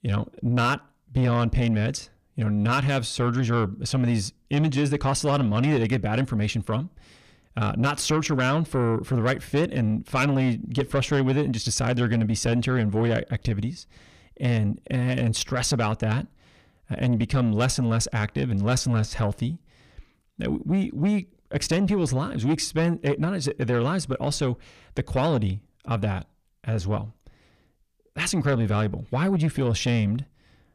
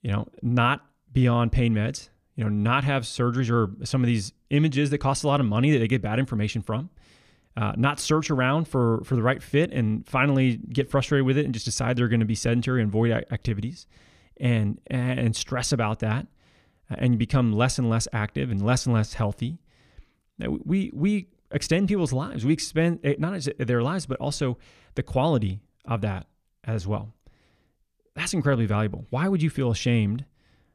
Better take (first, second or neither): second